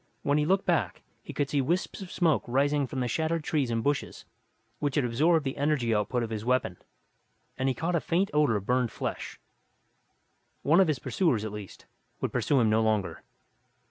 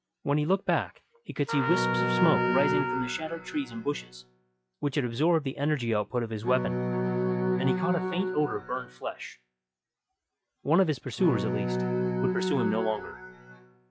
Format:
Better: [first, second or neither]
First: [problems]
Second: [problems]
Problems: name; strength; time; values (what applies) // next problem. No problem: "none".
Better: first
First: none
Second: noise reduction (classical method log-MMSE)